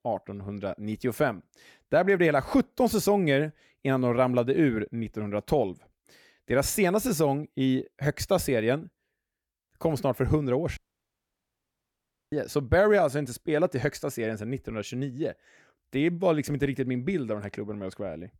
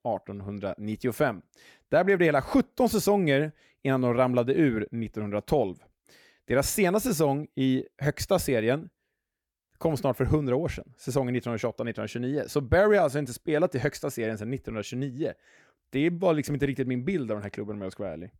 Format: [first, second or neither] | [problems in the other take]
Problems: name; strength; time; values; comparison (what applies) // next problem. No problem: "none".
second | audio cutting out; at 11 s for 1.5 s